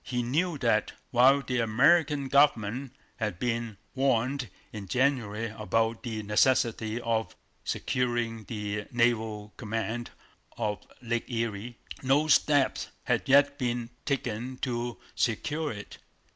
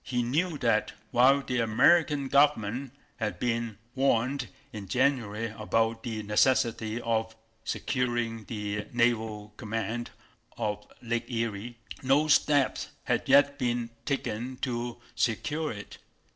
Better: first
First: none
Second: noise reduction (neural separator model SepFormer DNS4)

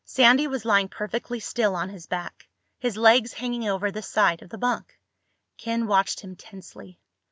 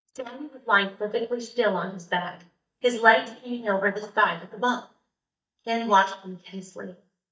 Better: first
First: none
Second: noise reduction (neural mask model DeepFilterNet 3)

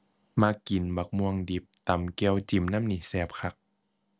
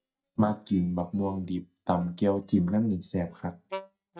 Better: first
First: none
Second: noise reduction (neural mask model DeepFilterNet 3)

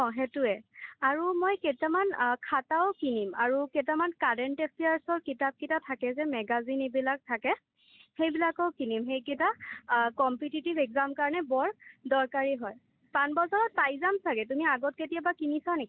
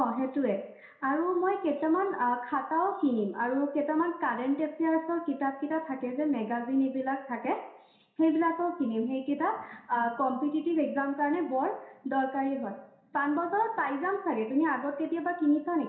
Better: first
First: none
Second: room echo; dies away in 0.7 s

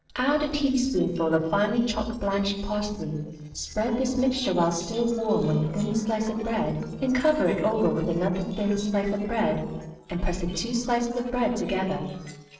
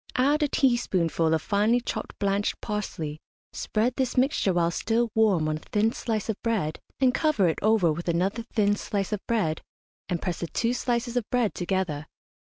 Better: second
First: noise reduction (neural separator model SepFormer DNS4)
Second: none

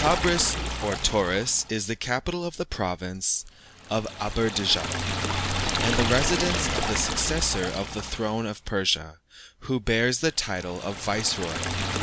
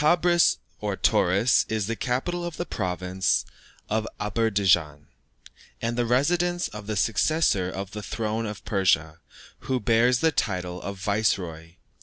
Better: second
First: background sound (Liquid); 4 dB below the speech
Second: none

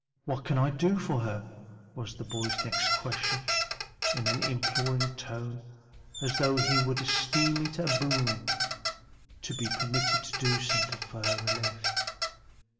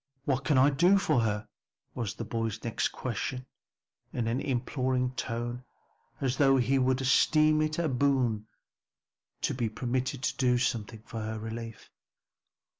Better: second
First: background sound (Squeak); 1 dB above the speech // room echo; dies away in 2 s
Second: none

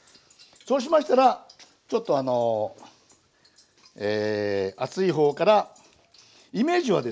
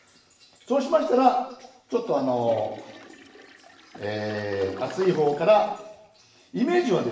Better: first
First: none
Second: background sound (Toilet flush); 17 dB below the speech // room echo; dies away in 0.8 s

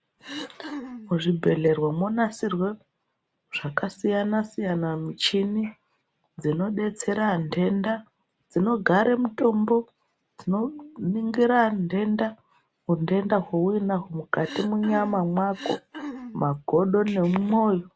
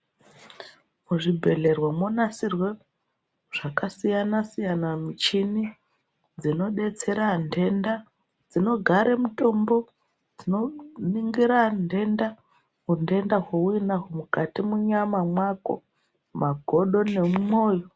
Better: second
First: background sound (Cough); 12 dB below the speech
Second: none

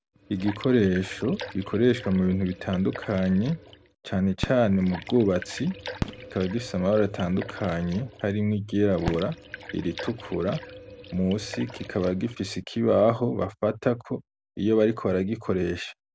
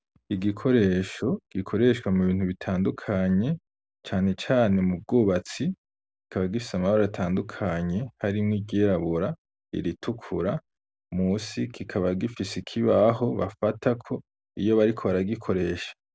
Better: second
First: background sound (Liquid + Fireworks); 14 dB below the speech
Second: none

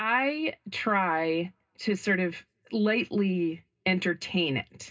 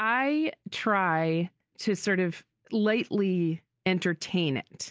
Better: second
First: room echo; dies away in 0.2 s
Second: none

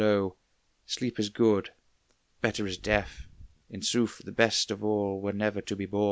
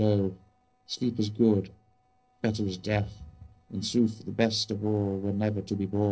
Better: first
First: none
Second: noise reduction (neural separator model SepFormer DNS4)

